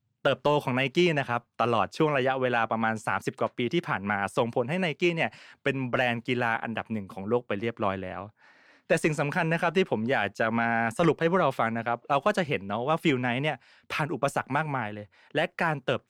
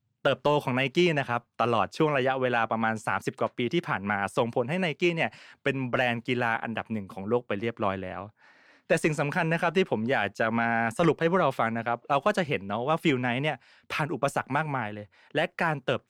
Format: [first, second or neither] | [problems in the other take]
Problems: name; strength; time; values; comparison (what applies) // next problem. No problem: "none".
neither | none